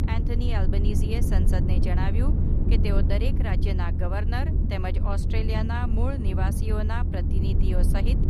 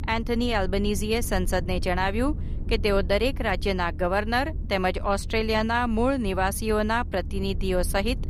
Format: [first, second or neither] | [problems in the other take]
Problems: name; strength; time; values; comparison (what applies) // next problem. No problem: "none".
second | low rumble; loud; throughout; 4 dB below the speech; faint in the second